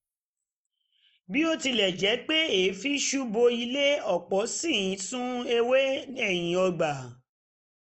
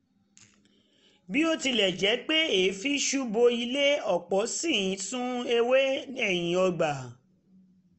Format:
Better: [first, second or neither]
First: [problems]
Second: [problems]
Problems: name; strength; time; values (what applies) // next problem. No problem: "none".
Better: second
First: noise reduction (neural mask model Resemble Enhance denoiser)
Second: none